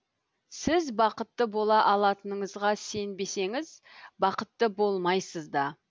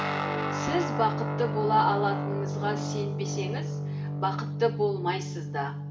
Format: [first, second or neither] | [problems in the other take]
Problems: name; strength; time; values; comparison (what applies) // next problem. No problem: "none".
first | background sound (Guitar); 1 dB below the speech // room echo; dies away in 0.7 s